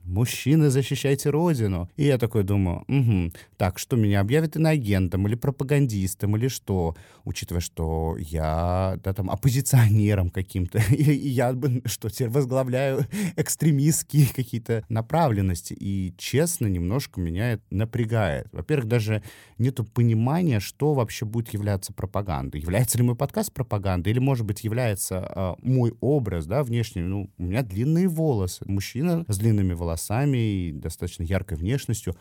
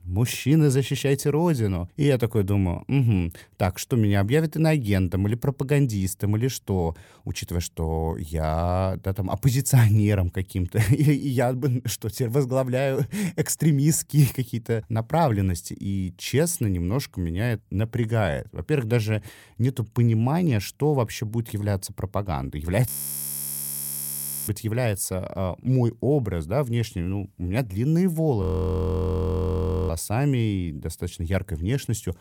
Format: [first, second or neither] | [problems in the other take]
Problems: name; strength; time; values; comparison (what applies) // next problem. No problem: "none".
first | audio freezing; at 23 s for 1.5 s and at 28 s for 1.5 s